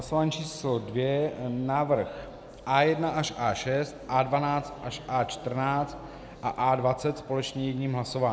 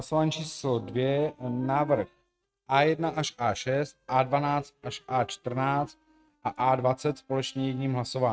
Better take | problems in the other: first | noise reduction (neural mask model RNNoise)

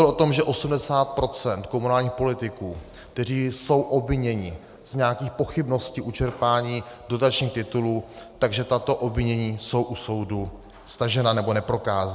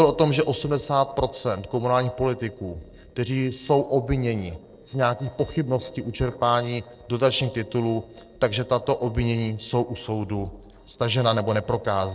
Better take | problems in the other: first | noise reduction (neural separator model SepFormer DNS4)

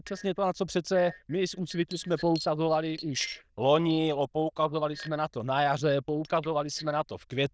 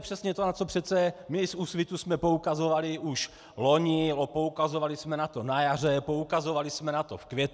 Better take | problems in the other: second | noise reduction (neural diffusion model UNIVERSE++)

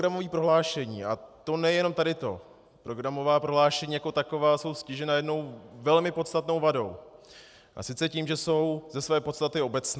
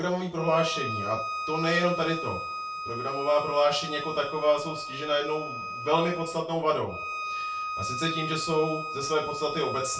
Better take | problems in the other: first | background sound (Bowed string instrument); 6 dB below the speech // room echo; dies away in 0.3 s

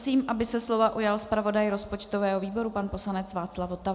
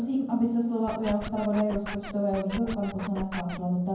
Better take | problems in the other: first | background sound (Scratching (performance technique)); 11 dB below the speech // room echo; dies away in 0.9 s

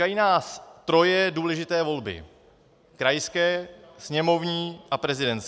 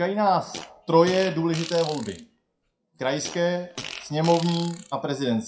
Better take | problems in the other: first | noise reduction (classical method WPE with log-MMSE)

